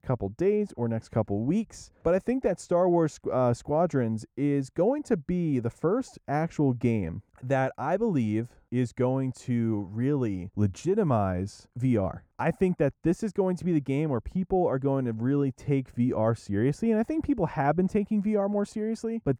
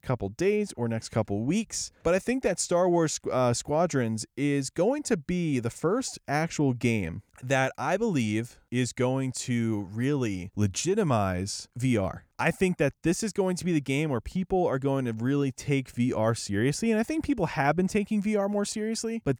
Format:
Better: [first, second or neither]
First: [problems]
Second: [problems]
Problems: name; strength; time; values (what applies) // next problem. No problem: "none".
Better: second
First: muffled; slightly; fading above 2 kHz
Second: none